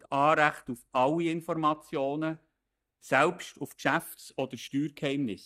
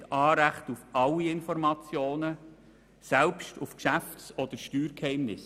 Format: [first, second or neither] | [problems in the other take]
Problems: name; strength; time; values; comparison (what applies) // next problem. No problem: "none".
second | noise reduction (neural mask model DeepFilterNet 3)